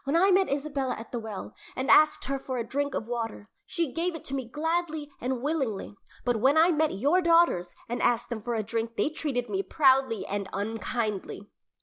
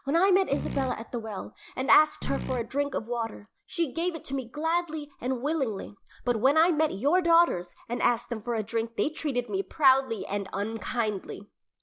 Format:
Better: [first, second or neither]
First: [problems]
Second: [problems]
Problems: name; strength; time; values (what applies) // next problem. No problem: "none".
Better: first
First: none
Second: background sound (Fart); 9 dB below the speech